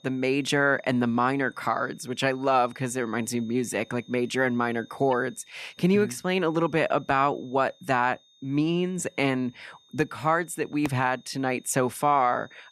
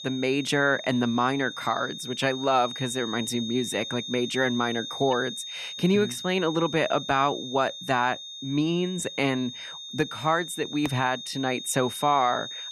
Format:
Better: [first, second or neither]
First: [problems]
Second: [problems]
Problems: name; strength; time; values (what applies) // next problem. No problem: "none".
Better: first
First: high-pitched whine; faint; throughout; 3.5 kHz, 30 dB below the speech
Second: high-pitched whine; loud; throughout; 3.5 kHz, 9 dB below the speech